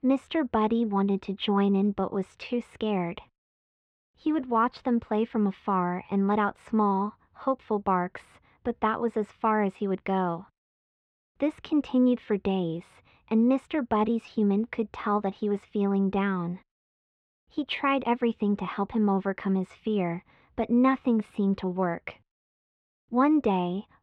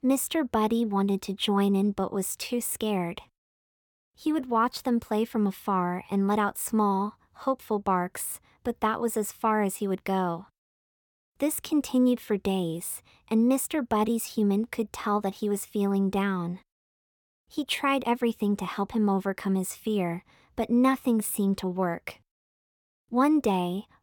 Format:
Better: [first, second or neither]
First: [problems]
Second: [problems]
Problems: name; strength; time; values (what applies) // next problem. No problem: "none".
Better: second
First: muffled; very; fading above 3 kHz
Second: none